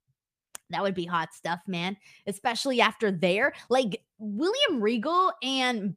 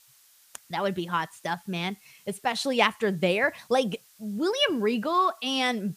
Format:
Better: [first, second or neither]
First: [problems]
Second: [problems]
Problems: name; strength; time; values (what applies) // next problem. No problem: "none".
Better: first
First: none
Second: hiss; faint; throughout; 30 dB below the speech